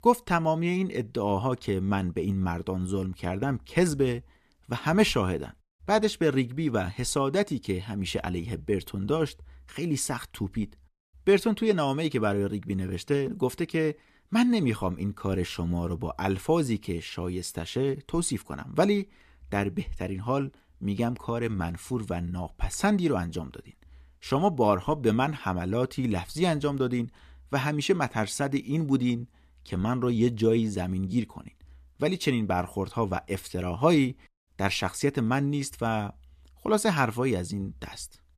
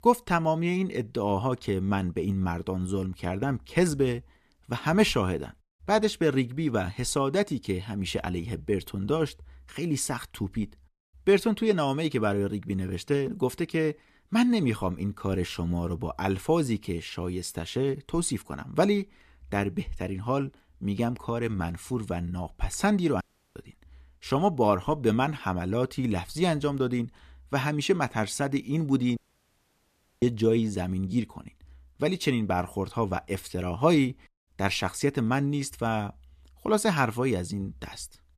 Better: first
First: none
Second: audio cutting out; at 23 s and at 29 s for 1 s

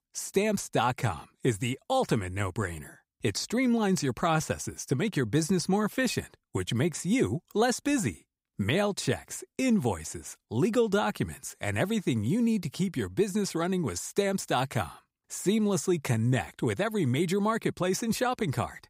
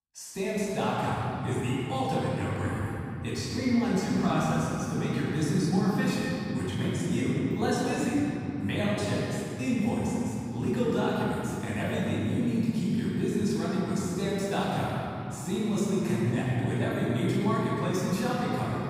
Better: first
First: none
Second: off-mic speech; far // room echo; strong; dies away in 3 s

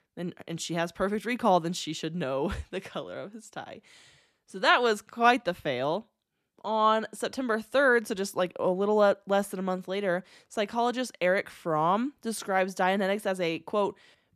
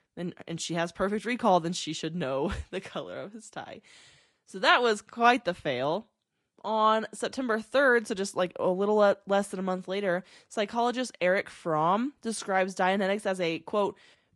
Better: first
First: none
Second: garbled, watery; slightly; nothing above 10.5 kHz

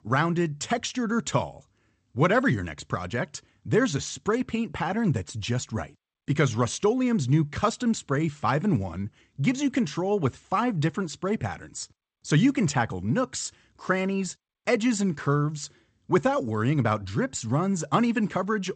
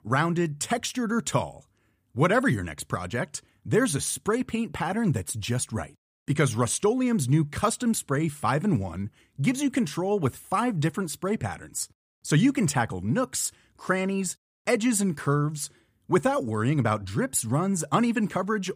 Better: second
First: garbled, watery; slightly; nothing above 8 kHz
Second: none

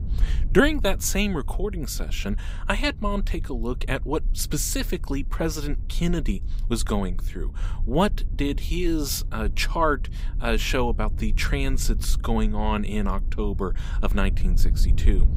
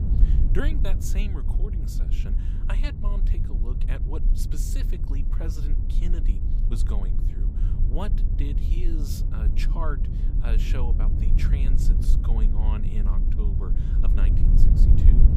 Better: first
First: low rumble; faint; throughout; 20 dB below the speech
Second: low rumble; loud; throughout; 2 dB below the speech

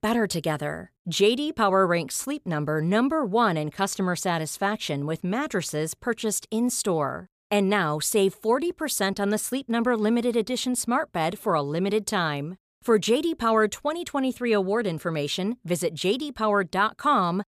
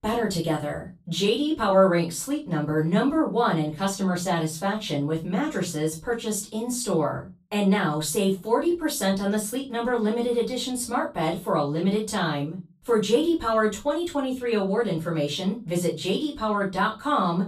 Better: first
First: none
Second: room echo; slight; dies away in 0.2 s // off-mic speech; far

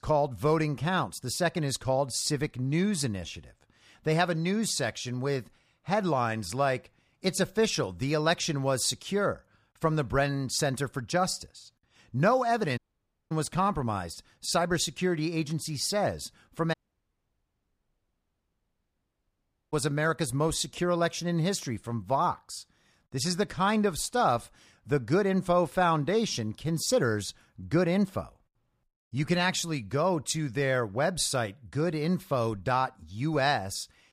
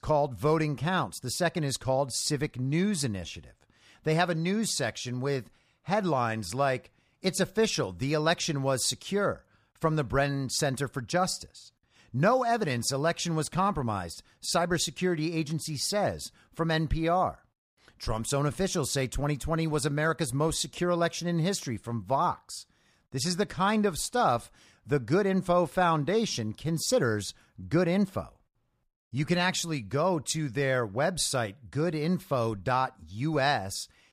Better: second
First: audio cutting out; at 13 s for 0.5 s and at 17 s for 3 s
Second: none

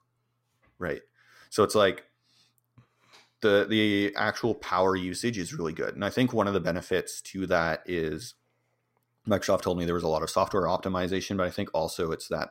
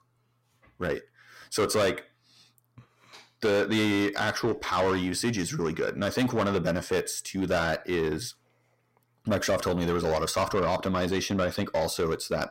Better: first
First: none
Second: distortion; heavy; 7 dB below the speech

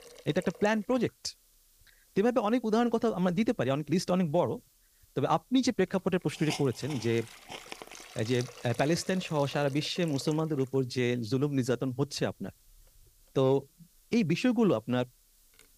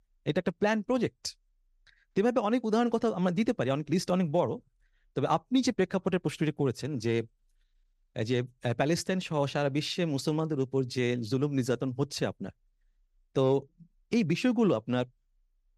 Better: second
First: hiss; noticeable; throughout; 15 dB below the speech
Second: none

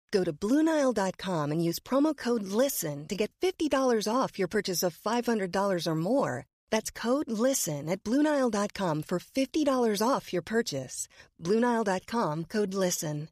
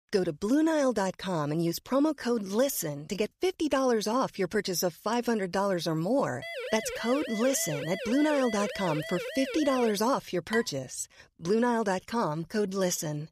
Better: first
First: none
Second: siren; noticeable; from 6.5 to 10 s; peak 7 dB below the speech // clattering dishes; noticeable; at 11 s; peak 8 dB below the speech

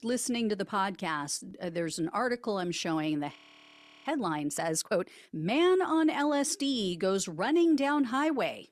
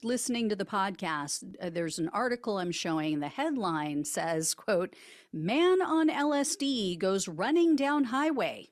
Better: second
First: audio freezing; at 3.5 s for 0.5 s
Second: none

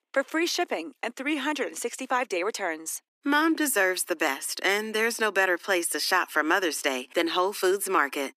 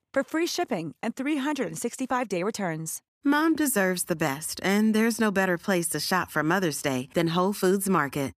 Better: second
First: thin; somewhat; fading below 300 Hz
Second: none

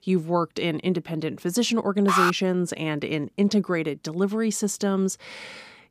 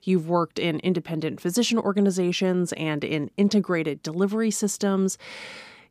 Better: second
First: alarm; loud; at 2 s; peak 3 dB above the speech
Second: none

